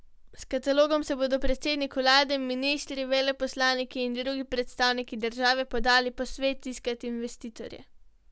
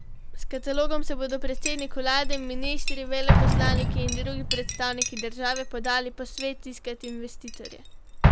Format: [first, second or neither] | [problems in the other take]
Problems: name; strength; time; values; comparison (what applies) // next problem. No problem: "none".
first | background sound (Explosion + Chink, clink); 5 dB above the speech